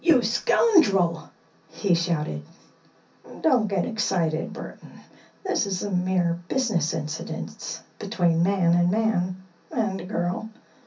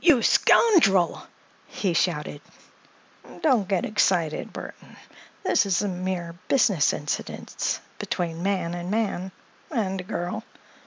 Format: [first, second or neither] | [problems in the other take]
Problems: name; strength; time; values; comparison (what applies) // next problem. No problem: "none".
second | room echo; dies away in 0.3 s